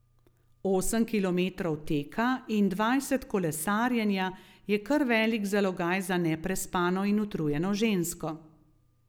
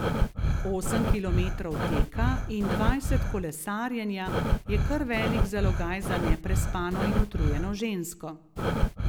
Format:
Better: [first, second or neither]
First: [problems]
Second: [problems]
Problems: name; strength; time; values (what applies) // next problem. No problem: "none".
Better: first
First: none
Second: background sound (Breathing); 5 dB above the speech